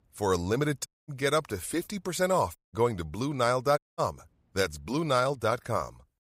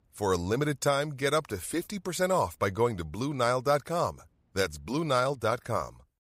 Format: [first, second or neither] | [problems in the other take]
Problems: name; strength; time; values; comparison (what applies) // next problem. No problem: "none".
second | audio cutting out; at 1 s, at 2.5 s and at 4 s